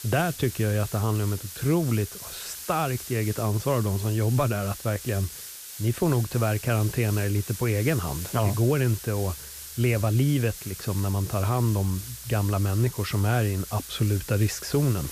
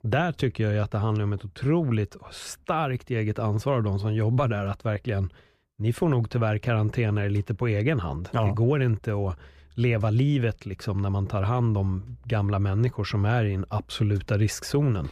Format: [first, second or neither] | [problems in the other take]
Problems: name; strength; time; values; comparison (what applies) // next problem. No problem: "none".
second | hiss; noticeable; throughout; 10 dB below the speech